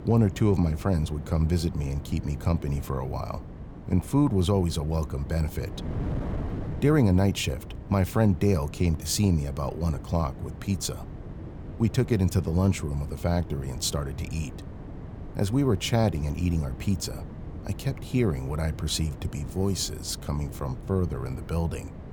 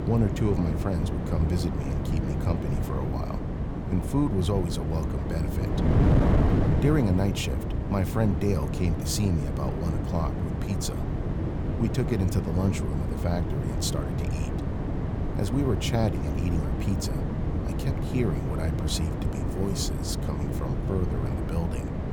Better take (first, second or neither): first